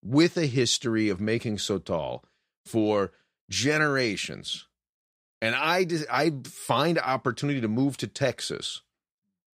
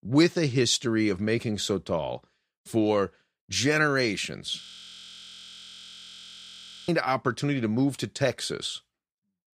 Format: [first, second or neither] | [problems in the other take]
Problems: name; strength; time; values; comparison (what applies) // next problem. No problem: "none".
first | audio freezing; at 4.5 s for 2.5 s